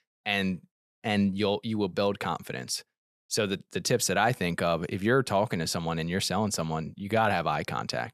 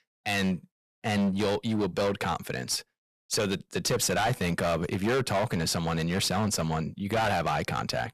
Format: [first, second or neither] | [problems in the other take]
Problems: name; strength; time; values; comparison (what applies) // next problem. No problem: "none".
first | distortion; heavy; 15% of the sound clipped